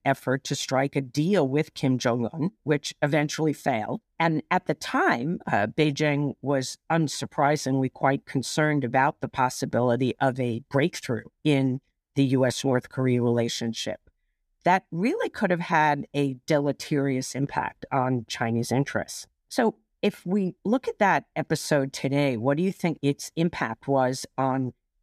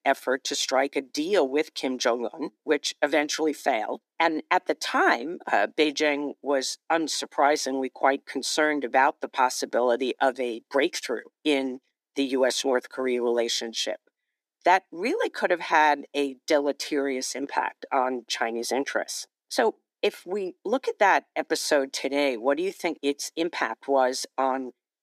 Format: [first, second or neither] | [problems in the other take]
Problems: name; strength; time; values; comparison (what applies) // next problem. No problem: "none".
first | thin; somewhat; fading below 300 Hz